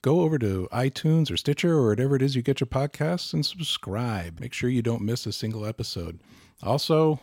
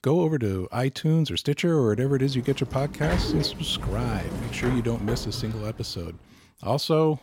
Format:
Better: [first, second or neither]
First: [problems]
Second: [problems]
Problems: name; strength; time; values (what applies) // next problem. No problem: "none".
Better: first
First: none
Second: door banging; noticeable; from 2 to 5.5 s; peak 2 dB below the speech